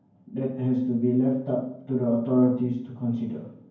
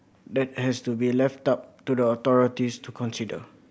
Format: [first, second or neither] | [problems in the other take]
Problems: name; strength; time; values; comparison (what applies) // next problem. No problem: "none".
second | room echo; dies away in 0.9 s